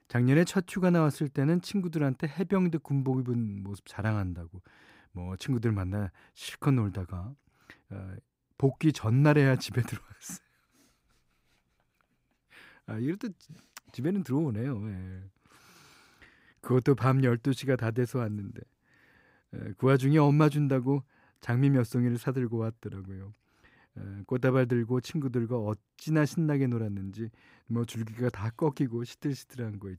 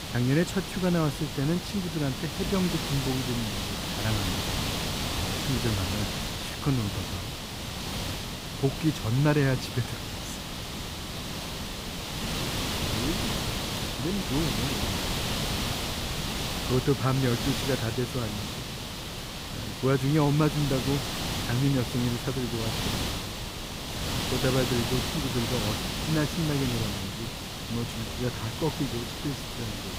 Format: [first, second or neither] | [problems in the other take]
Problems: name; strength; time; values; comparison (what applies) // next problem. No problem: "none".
first | hiss; loud; throughout; 2 dB below the speech